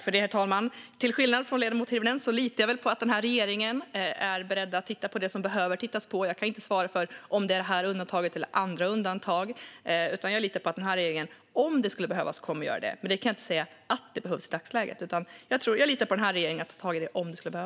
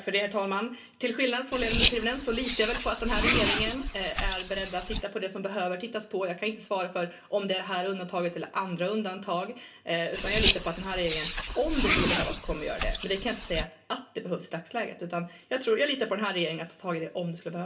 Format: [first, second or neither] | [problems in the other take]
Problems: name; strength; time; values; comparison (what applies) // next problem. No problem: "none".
first | background sound (Car); 1 dB above the speech // room echo; dies away in 0.3 s